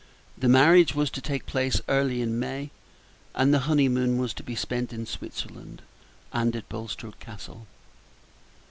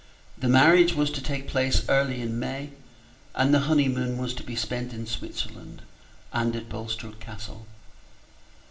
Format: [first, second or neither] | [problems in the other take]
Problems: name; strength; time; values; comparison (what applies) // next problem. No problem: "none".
first | room echo; dies away in 0.6 s